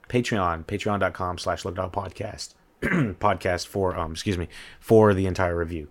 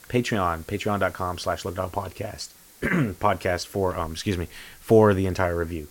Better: first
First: none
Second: hiss; faint; throughout; 25 dB below the speech

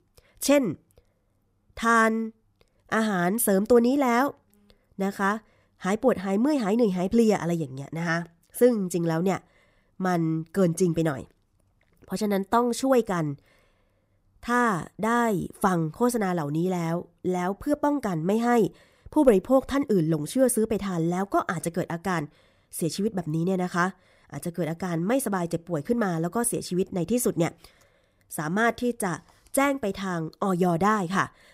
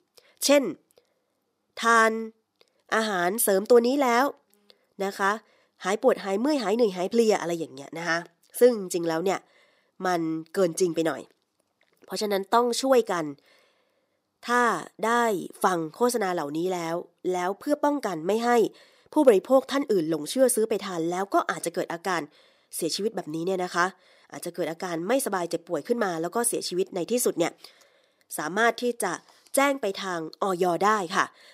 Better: first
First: none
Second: thin; very slightly; fading below 350 Hz

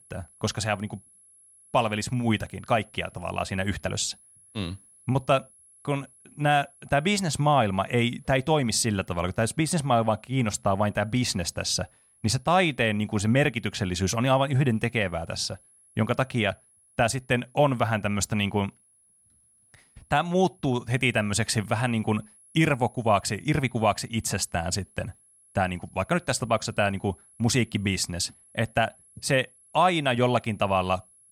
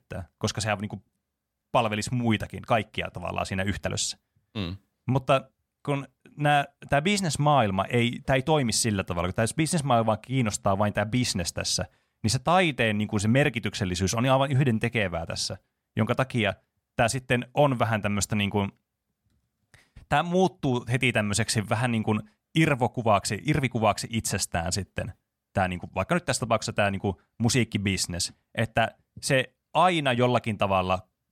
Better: second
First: high-pitched whine; faint; throughout; 11 kHz, 30 dB below the speech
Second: none

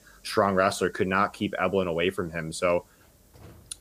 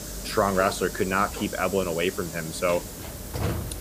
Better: first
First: hiss; faint; throughout; 30 dB below the speech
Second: hiss; loud; throughout; 8 dB below the speech

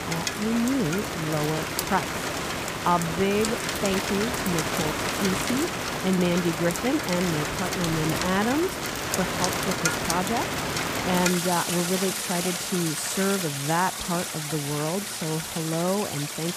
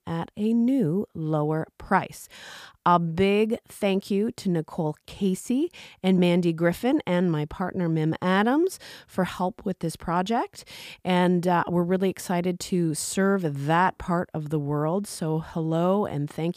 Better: second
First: rain or running water; loud; throughout; as loud as the speech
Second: none

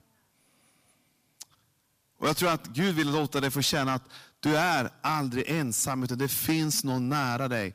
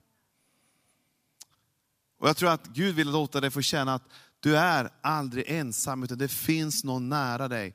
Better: second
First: distortion; heavy; 8 dB below the speech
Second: none

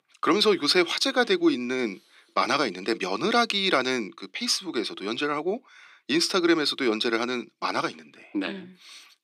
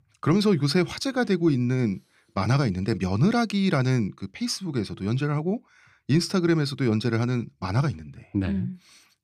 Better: second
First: thin; somewhat; fading below 300 Hz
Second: none

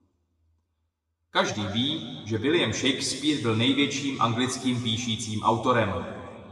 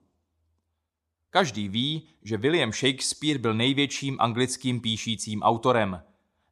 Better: second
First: room echo; slight; dies away in 2 s // off-mic speech; somewhat distant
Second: none

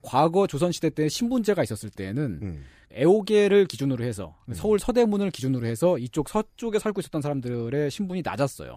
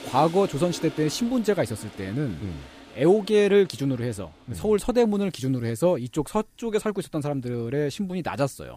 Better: first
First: none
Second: household noises; noticeable; throughout; 20 dB below the speech

